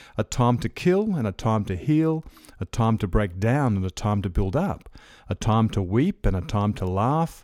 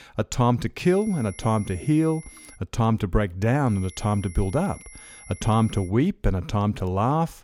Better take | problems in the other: first | high-pitched whine; faint; from 1 to 2.5 s and from 3.5 to 6 s; 2 kHz, 20 dB below the speech

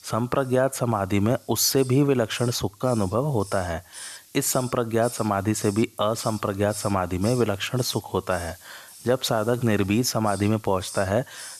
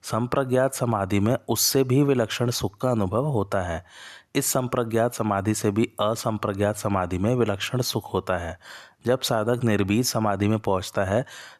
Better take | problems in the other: second | hiss; noticeable; throughout; 15 dB below the speech

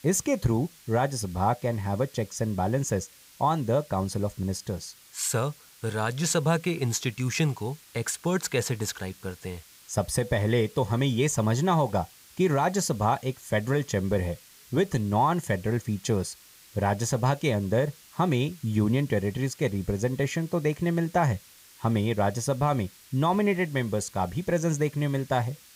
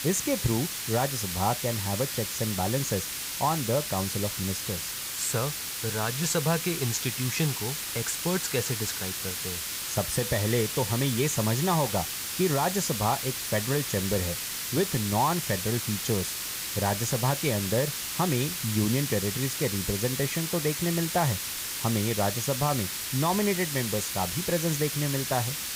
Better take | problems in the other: first | hiss; loud; throughout; 2 dB below the speech; faint in the first

